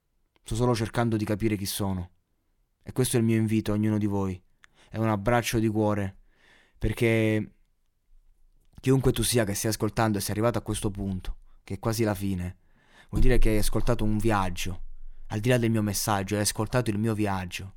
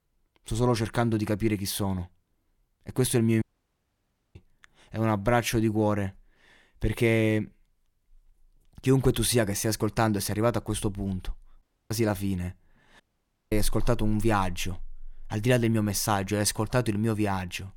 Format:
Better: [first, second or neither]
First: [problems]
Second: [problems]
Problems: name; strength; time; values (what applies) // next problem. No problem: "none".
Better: first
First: none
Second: audio cutting out; at 3.5 s for 1 s, at 12 s and at 13 s for 0.5 s